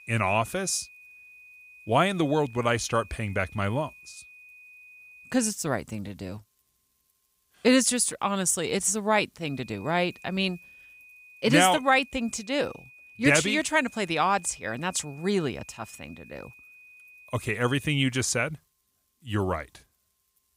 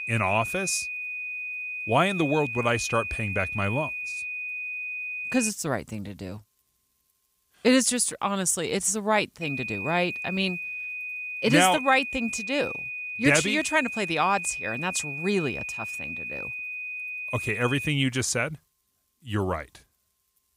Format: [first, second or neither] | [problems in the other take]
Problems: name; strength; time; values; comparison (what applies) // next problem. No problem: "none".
first | high-pitched whine; loud; until 5.5 s and from 9.5 to 18 s; 2.5 kHz, 6 dB below the speech; faint in the first